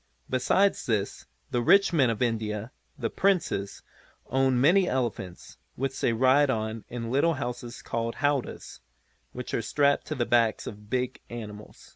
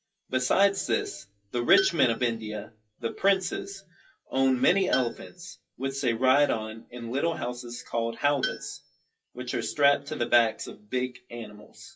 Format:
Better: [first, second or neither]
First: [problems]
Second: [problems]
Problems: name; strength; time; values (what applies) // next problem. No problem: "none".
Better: first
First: none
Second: noise reduction (classical method WPE with log-MMSE)